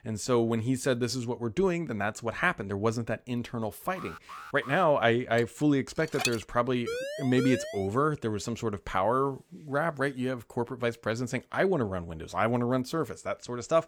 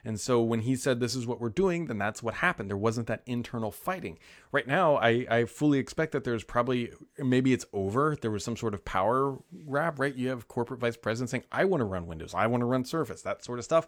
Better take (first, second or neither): second